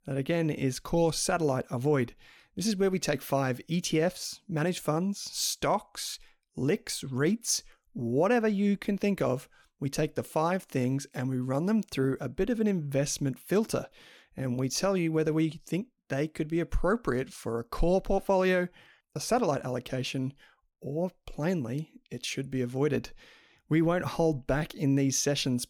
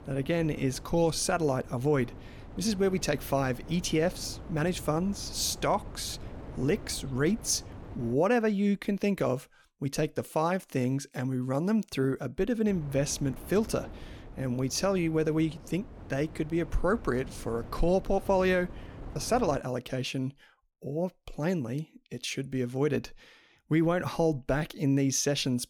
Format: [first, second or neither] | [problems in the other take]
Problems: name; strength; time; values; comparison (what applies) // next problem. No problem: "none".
first | wind noise on the microphone; occasional gusts; until 8 s and from 13 to 20 s; 20 dB below the speech